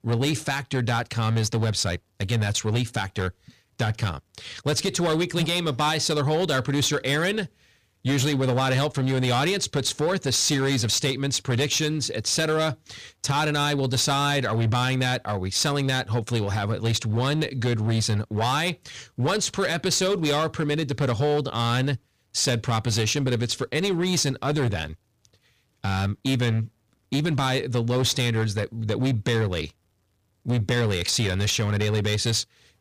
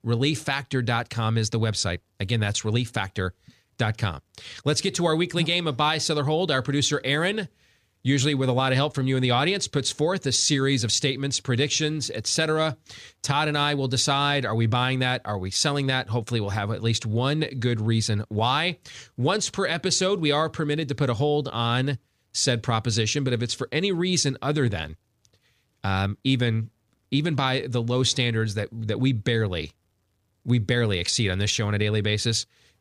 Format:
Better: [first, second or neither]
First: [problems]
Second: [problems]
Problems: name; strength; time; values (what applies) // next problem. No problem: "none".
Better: second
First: distortion; slight; 12% of the sound clipped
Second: none